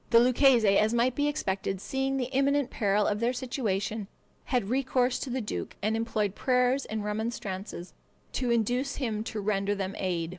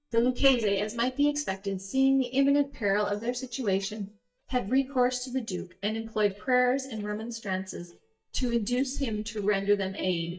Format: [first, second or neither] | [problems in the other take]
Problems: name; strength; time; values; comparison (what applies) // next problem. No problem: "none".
first | noise reduction (neural mask model DeepFilterNet 3)